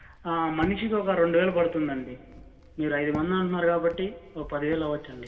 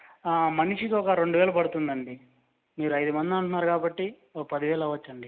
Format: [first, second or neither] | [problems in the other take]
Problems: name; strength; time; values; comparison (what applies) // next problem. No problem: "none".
second | background sound (Walk, footsteps); 17 dB below the speech // room echo; dies away in 1.6 s